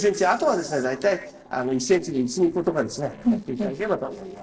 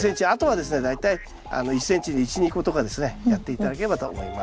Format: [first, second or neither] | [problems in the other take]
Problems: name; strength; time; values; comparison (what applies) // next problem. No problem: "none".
second | noise reduction (neural separator model SepFormer DNS4)